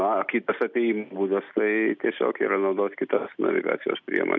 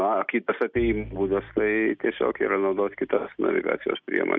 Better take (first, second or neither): first